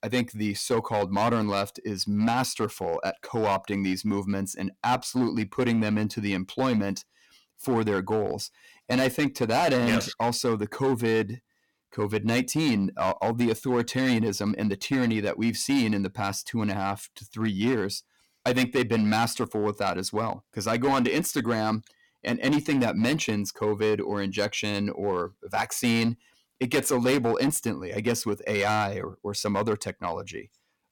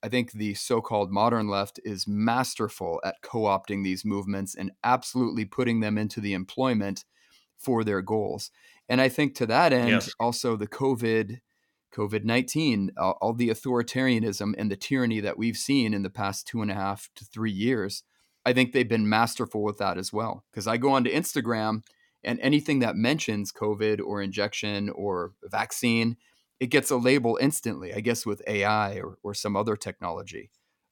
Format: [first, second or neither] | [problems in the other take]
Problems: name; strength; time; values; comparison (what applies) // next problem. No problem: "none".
second | distortion; slight; 7% of the sound clipped